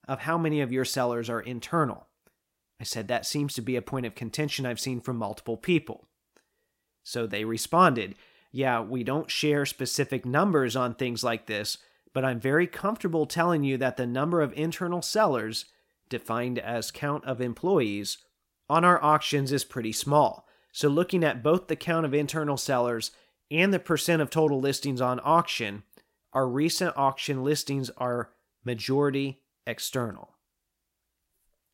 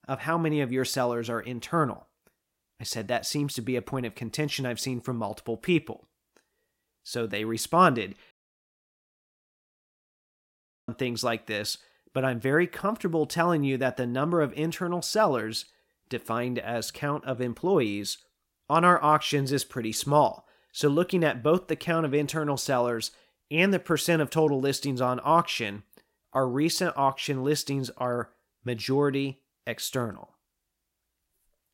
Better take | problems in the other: first | audio cutting out; at 8.5 s for 2.5 s

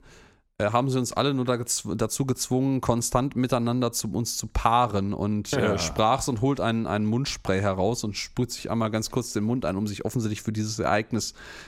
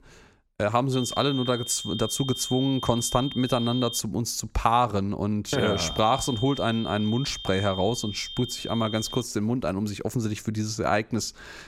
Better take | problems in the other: first | high-pitched whine; loud; from 1 to 4 s and from 5.5 to 9 s; 3 kHz, 8 dB below the speech

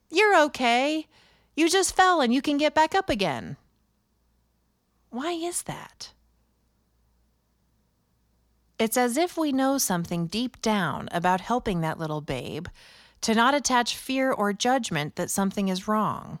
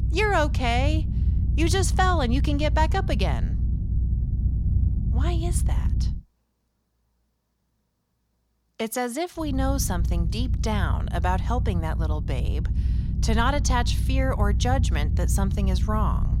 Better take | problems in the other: first | low rumble; noticeable; until 6 s and from 9.5 s on; 15 dB below the speech

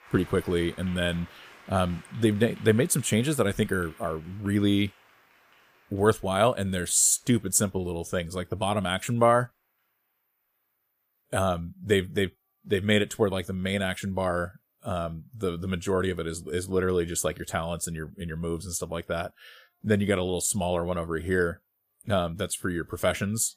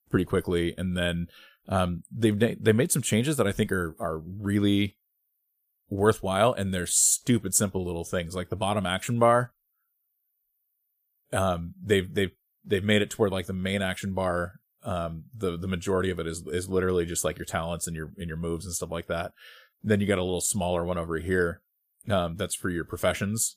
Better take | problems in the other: second | crowd noise; faint; throughout; 25 dB below the speech

